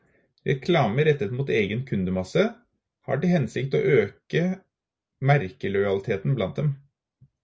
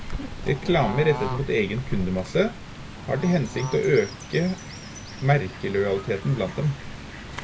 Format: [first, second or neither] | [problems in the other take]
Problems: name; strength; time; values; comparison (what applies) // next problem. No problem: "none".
first | background sound (Bird / Fowl); 9 dB below the speech